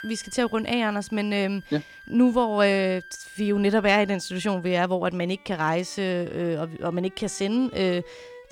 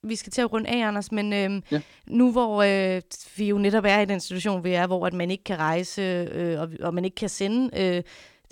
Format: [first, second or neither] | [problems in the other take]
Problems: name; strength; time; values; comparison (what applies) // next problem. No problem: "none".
second | background music; faint; throughout; 20 dB below the speech